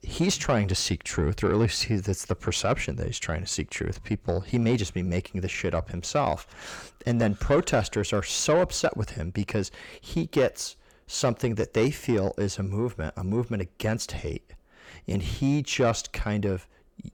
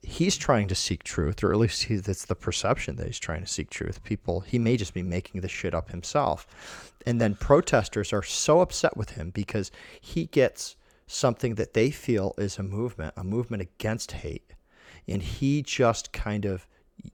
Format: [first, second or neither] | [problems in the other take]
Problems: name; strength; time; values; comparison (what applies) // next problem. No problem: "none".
second | distortion; slight; 10 dB below the speech